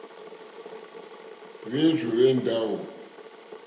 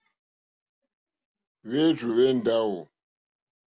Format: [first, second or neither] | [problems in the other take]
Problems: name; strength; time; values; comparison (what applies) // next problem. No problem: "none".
second | background sound (Boiling / Water); 16 dB below the speech // room echo; dies away in 0.7 s